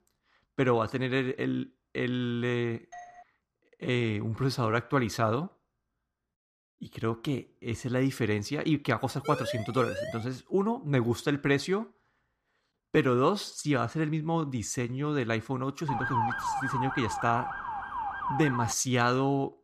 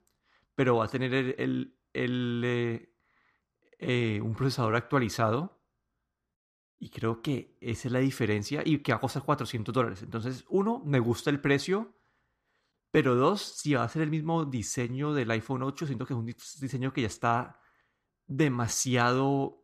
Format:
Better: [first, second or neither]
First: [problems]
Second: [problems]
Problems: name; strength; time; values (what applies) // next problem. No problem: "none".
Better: second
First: doorbell; faint; at 3 s; peak 20 dB below the speech // siren; noticeable; from 9 to 10 s; peak 6 dB below the speech // siren; loud; from 16 to 19 s; peak level with the speech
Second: none